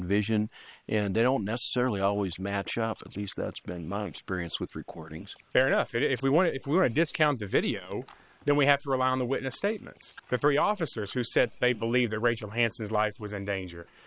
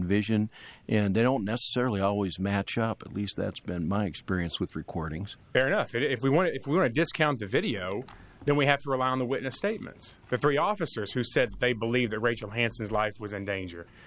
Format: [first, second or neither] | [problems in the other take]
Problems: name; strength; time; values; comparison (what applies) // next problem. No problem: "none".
second | noise reduction (neural separator model SepFormer WHAM!)